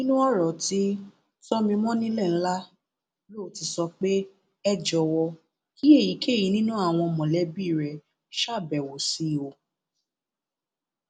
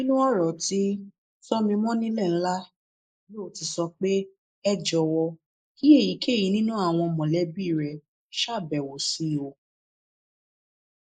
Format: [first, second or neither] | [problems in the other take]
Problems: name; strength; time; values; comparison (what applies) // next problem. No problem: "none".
first | noise reduction (neural mask model Resemble Enhance denoiser)